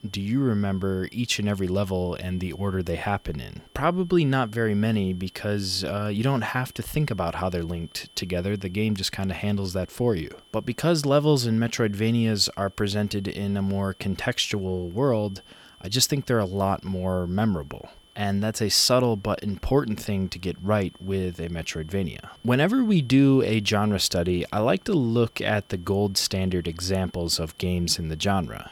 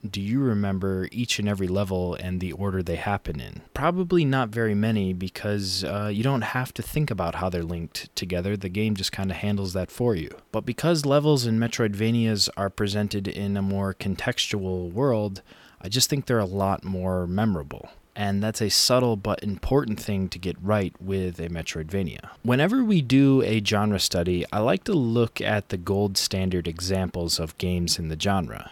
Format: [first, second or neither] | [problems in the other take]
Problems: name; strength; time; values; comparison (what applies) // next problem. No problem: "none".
second | high-pitched whine; faint; throughout; 3 kHz, 25 dB below the speech